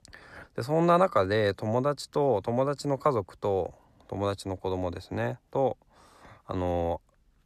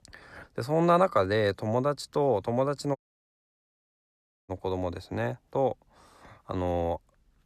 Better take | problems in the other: first | audio cutting out; at 3 s for 1.5 s

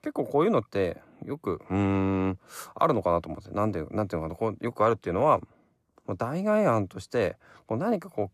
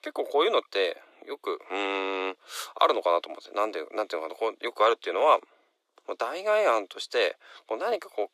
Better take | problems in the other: first | thin; very; fading below 350 Hz

